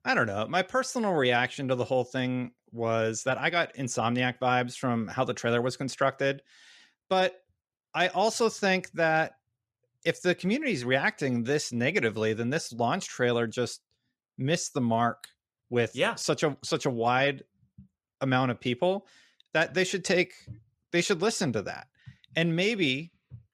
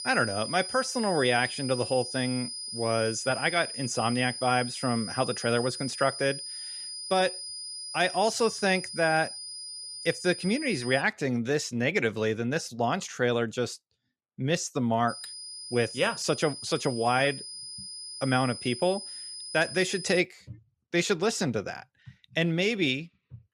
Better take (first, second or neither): first